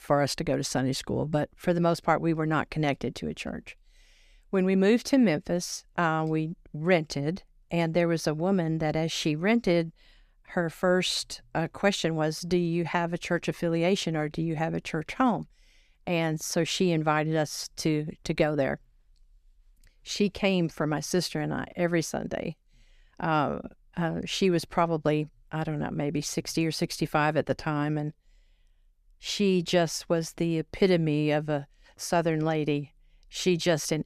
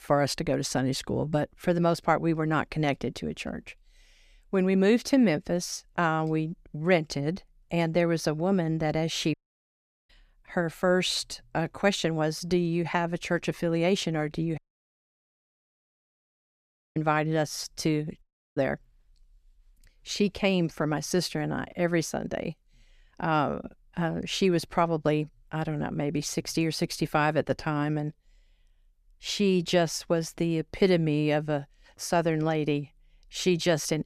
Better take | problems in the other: first | audio cutting out; at 9.5 s for 1 s, at 15 s for 2.5 s and at 18 s

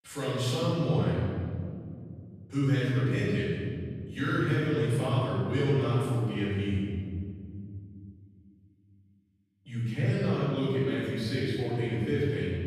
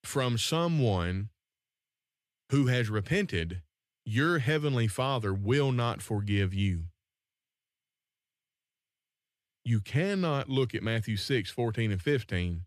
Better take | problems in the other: second | off-mic speech; far // room echo; strong; dies away in 2.4 s

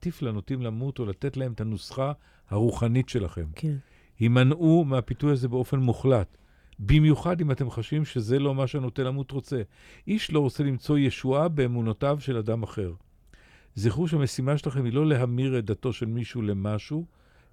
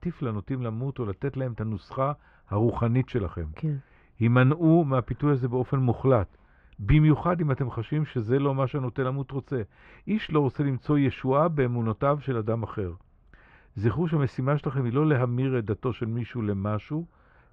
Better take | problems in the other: first | muffled; very; fading above 2 kHz

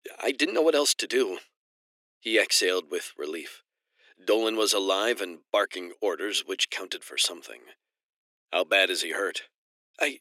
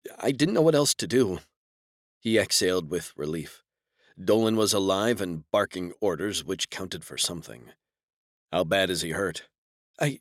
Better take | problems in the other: second | thin; somewhat; fading below 300 Hz

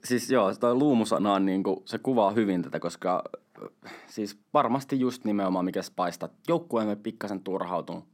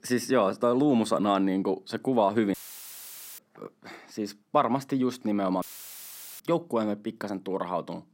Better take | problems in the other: first | audio cutting out; filled with static; at 2.5 s for 1 s and at 5.5 s for 1 s

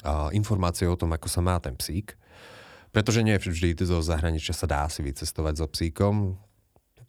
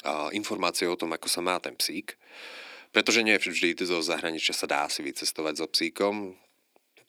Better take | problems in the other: first | thin; somewhat; fading below 300 Hz

